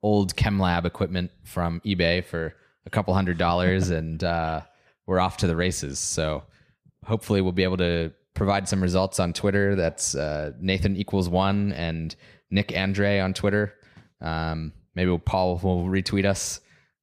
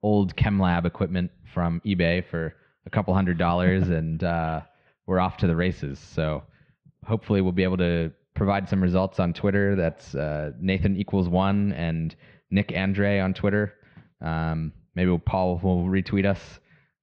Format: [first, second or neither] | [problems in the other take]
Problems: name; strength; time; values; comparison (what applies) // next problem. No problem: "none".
first | muffled; slightly; fading above 3.5 kHz